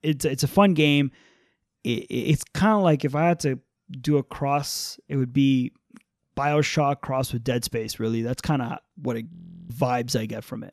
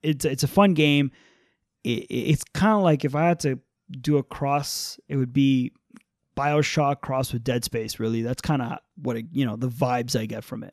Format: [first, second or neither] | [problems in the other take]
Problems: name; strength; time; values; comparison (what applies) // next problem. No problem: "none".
second | audio freezing; at 9.5 s